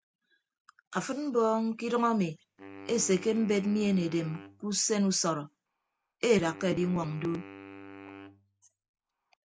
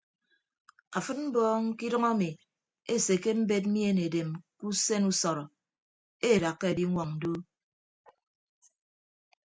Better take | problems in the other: second | background sound (Wind instrument, woodwind instrument); 18 dB below the speech

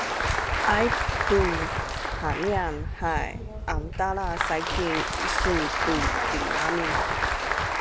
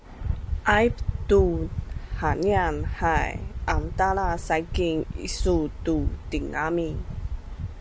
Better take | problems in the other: second | background sound (Applause); as loud as the speech

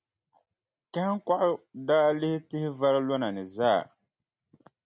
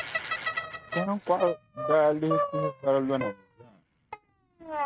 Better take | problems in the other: first | noise reduction (neural mask model RNNoise)

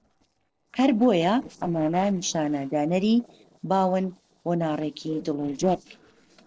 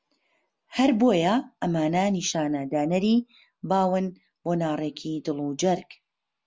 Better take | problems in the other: second | noise reduction (neural separator model SepFormer DNS4)

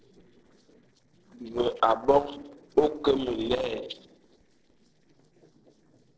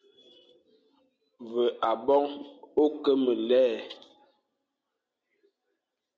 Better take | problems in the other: second | noise reduction (neural separator model SepFormer DNS4)

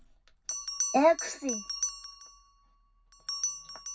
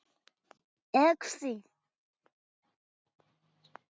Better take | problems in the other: second | background sound (Bell); 5 dB below the speech // room echo; dies away in 0.4 s

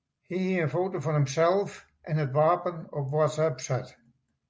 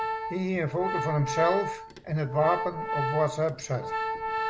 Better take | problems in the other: first | background sound (Organ); 3 dB below the speech

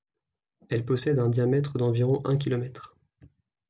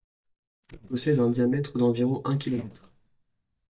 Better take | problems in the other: first | noise reduction (neural mask model DeepFilterNet 3)

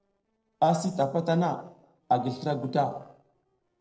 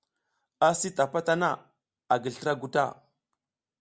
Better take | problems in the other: second | noise reduction (neural separator model SepFormer DNS4)

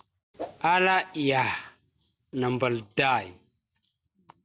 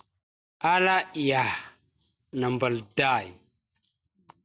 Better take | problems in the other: second | background sound (Whoosh, swoosh, swish); 12 dB below the speech

